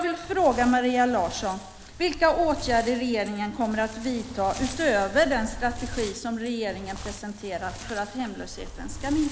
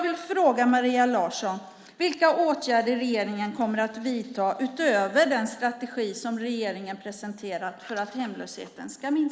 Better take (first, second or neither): second